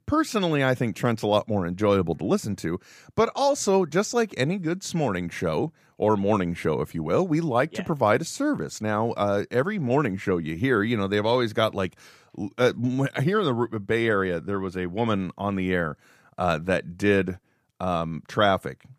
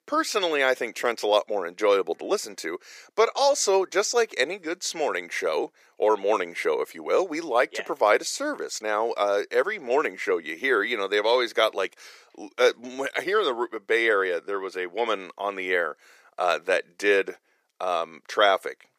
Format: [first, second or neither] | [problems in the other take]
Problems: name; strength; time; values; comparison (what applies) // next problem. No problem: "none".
first | thin; very; fading below 400 Hz